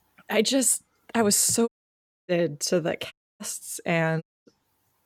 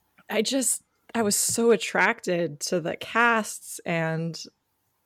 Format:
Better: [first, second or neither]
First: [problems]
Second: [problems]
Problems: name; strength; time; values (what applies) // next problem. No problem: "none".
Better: second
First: audio cutting out; at 1.5 s for 0.5 s, at 3 s and at 4 s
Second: none